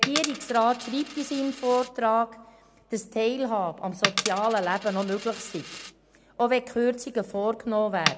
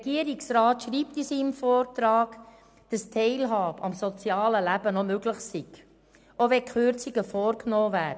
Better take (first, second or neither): second